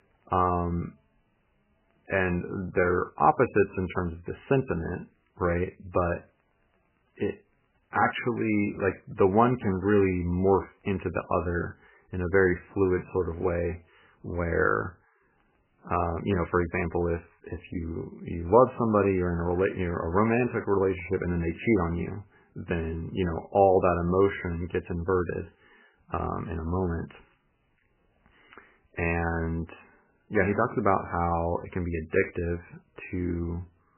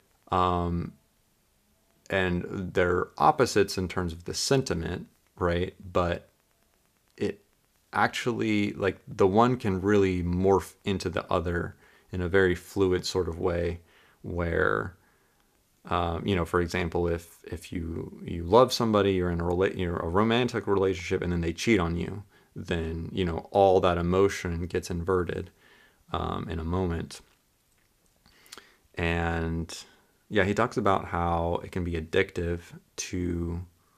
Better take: second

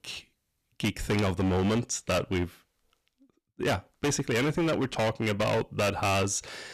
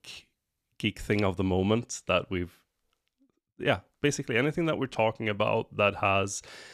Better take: second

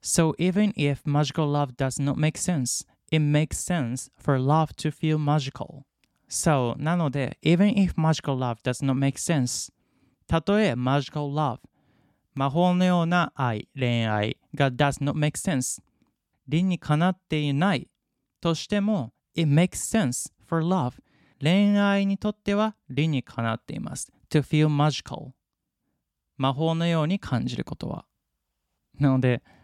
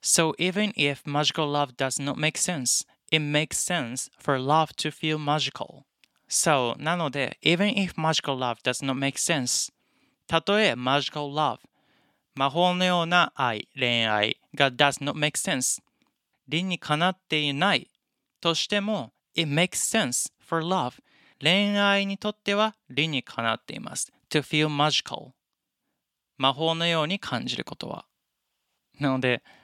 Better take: first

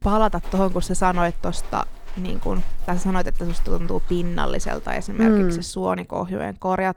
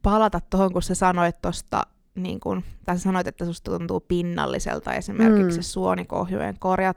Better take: second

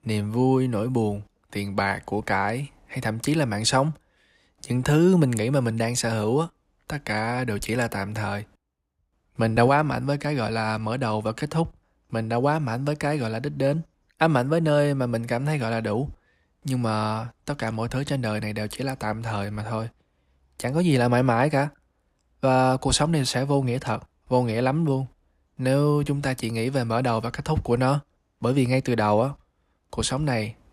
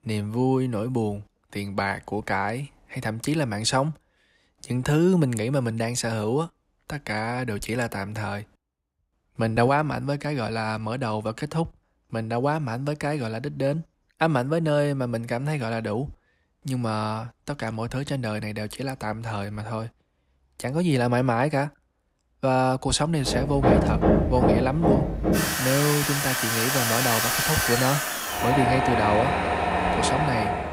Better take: first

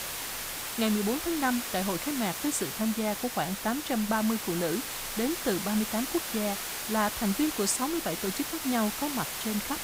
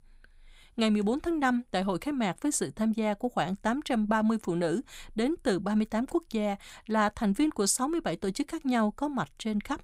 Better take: second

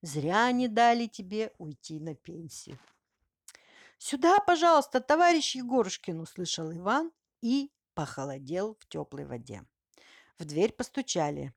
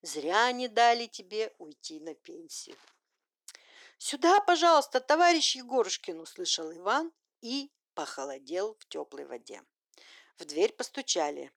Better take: first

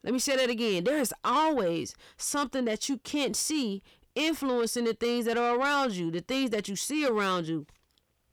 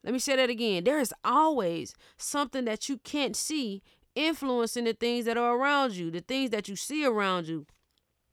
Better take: second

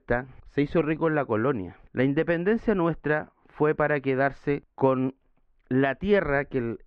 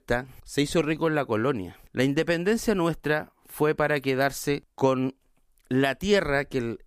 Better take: second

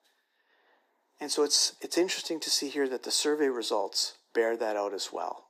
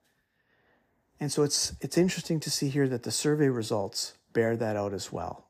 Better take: second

